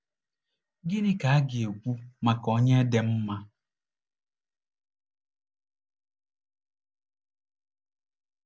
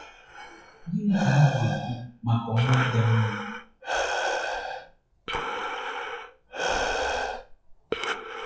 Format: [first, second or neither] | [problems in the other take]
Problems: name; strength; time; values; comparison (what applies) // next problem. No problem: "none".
first | noise reduction (classical method WPE with log-MMSE)